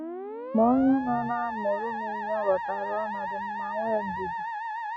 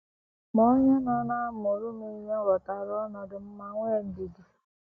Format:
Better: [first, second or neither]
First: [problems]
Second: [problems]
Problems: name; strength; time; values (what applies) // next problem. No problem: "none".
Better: second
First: background sound (Musical instrument); 5 dB below the speech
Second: none